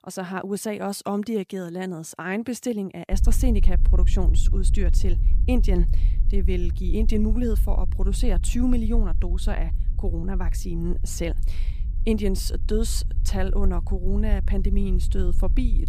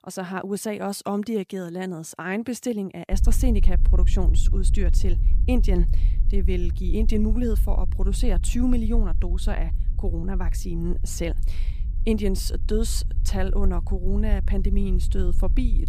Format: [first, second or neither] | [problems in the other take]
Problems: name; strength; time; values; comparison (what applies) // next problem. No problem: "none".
neither | low rumble; noticeable; from 3 s on; 15 dB below the speech; the same in both